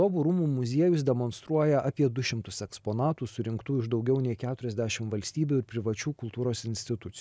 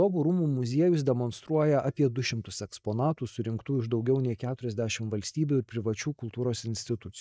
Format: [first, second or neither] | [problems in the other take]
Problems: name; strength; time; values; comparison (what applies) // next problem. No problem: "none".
first | noise reduction (neural mask model DeepFilterNet 3)